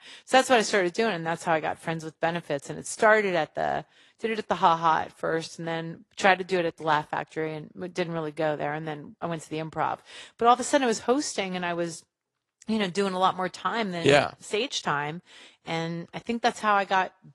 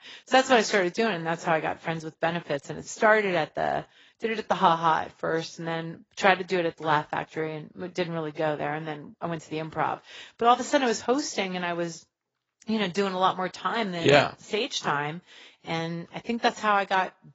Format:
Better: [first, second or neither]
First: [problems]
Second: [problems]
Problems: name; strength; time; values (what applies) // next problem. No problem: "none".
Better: first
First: garbled, watery; slightly; nothing above 11 kHz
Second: garbled, watery; badly; nothing above 7.5 kHz